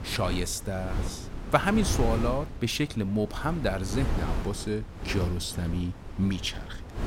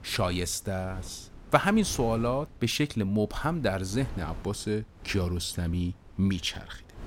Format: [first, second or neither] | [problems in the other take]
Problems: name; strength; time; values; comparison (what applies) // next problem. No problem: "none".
second | wind noise on the microphone; heavy; 10 dB below the speech; occasional gusts in the second